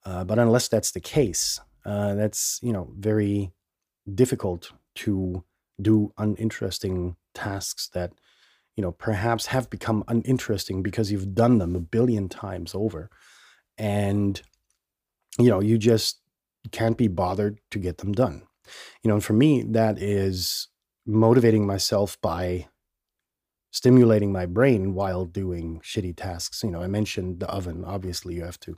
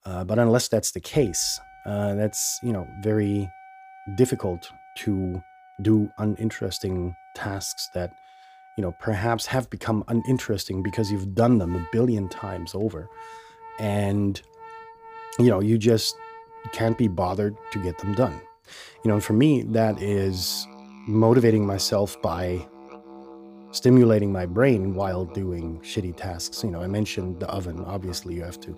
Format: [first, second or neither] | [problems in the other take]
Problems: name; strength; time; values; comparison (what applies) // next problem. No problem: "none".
first | background music; faint; throughout; 20 dB below the speech